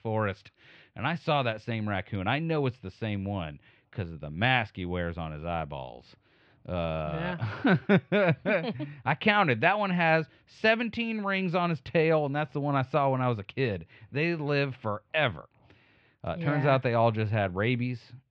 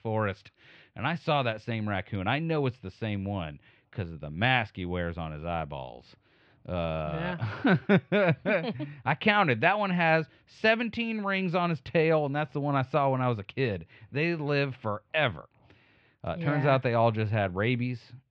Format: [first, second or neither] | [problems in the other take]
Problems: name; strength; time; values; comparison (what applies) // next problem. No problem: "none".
neither | muffled; slightly; fading above 3 kHz; the same in both